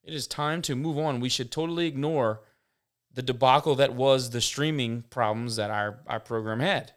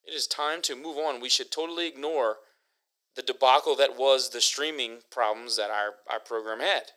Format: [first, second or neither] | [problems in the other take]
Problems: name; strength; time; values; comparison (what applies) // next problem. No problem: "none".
first | thin; very; fading below 400 Hz